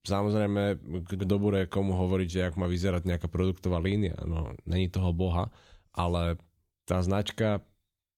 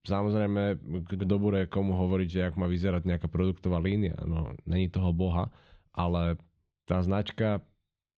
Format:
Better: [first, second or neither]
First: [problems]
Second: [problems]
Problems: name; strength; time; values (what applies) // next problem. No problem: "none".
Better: first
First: none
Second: muffled; very slightly; fading above 3.5 kHz